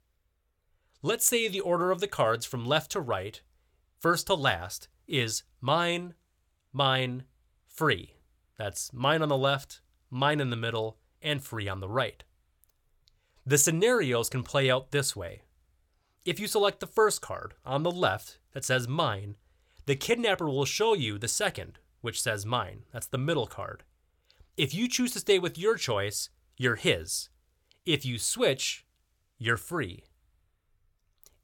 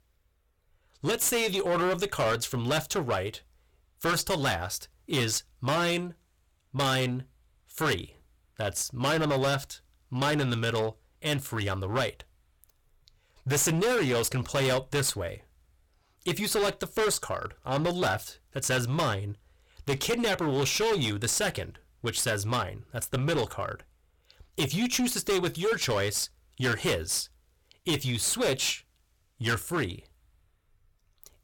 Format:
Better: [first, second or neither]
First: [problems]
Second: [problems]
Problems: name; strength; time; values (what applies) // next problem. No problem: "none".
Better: first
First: none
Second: distortion; heavy; 13% of the sound clipped